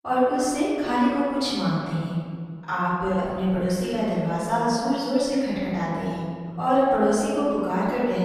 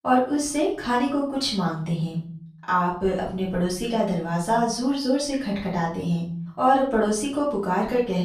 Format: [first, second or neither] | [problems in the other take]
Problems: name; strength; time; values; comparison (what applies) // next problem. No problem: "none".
second | room echo; strong; dies away in 1.8 s; slight in the second // off-mic speech; far; far in the second